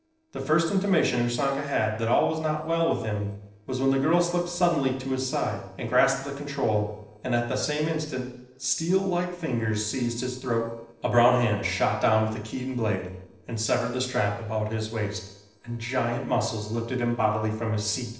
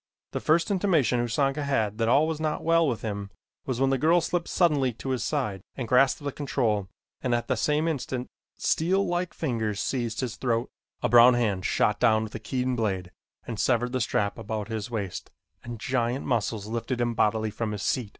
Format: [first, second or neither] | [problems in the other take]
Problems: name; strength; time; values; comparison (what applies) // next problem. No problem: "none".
second | noise reduction (neural separator model SepFormer DNS4)